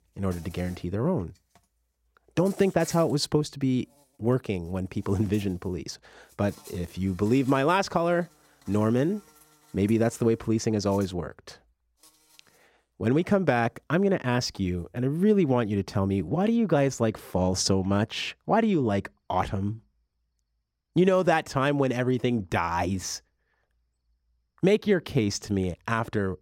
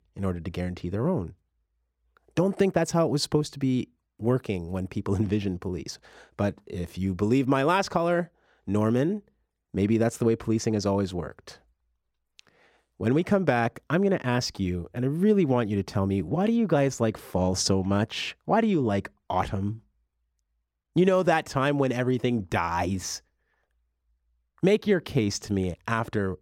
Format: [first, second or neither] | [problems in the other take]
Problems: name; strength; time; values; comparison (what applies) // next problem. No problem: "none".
second | animal sounds; faint; throughout; 25 dB below the speech